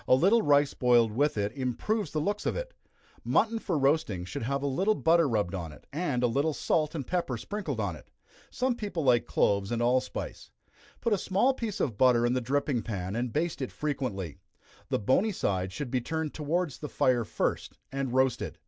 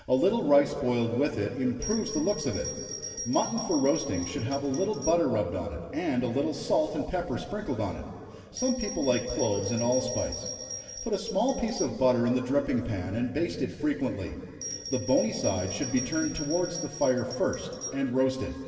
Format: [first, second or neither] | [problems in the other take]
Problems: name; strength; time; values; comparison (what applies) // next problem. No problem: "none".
first | background sound (Bell); 11 dB below the speech // room echo; dies away in 2.5 s